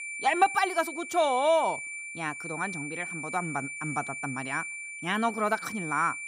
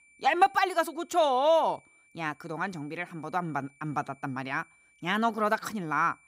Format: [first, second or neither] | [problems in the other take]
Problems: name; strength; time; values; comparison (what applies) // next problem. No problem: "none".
second | high-pitched whine; loud; throughout; 2.5 kHz, 7 dB below the speech; faint in the second